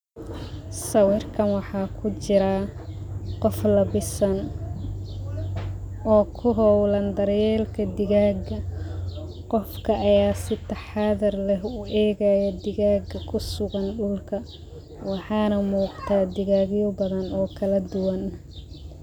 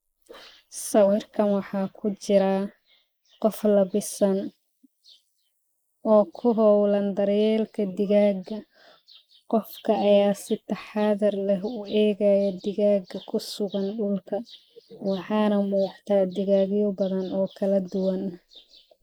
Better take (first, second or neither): first